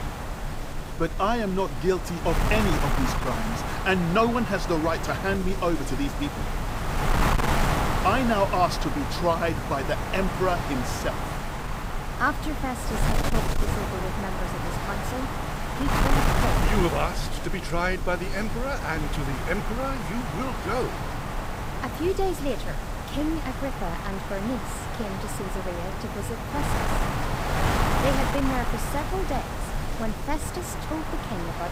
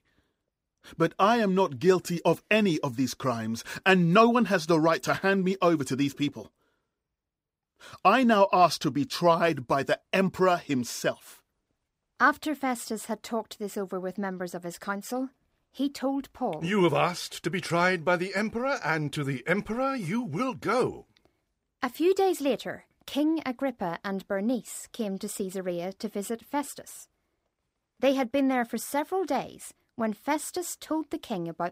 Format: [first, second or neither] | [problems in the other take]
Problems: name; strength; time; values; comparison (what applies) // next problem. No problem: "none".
second | wind noise on the microphone; heavy; 2 dB below the speech